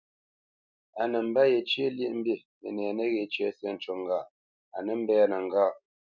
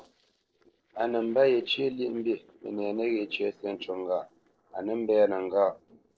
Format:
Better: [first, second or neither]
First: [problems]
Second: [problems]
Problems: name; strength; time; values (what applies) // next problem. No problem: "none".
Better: first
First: none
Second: noise reduction (neural separator model SepFormer DNS4)